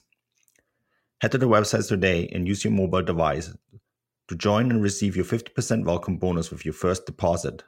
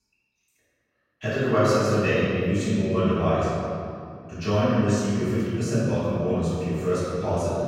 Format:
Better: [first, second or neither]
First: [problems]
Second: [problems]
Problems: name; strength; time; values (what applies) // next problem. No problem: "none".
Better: first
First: none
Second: room echo; strong; dies away in 2.2 s // off-mic speech; far